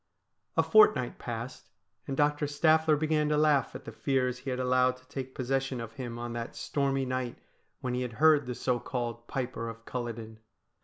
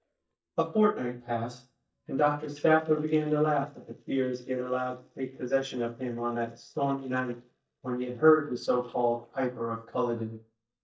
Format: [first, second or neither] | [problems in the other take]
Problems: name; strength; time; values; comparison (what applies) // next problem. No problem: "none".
first | noise reduction (neural mask model DeepFilterNet 3)